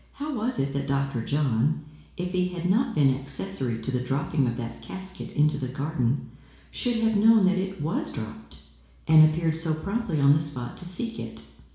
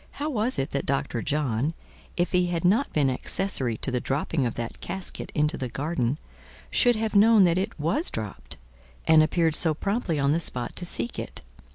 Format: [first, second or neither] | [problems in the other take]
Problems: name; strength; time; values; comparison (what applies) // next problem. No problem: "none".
second | room echo; dies away in 0.7 s